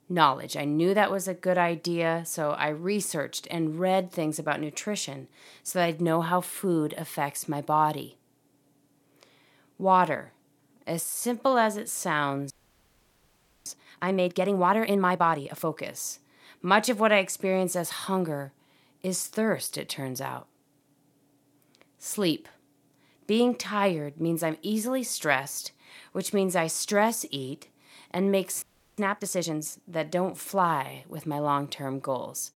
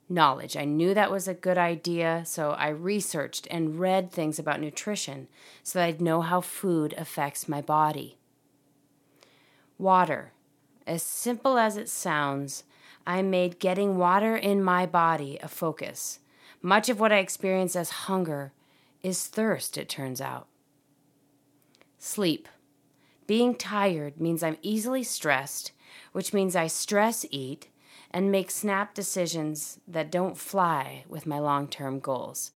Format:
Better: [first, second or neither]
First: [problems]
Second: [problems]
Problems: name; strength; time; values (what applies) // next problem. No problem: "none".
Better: second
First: audio freezing; at 13 s for 1 s and at 29 s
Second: none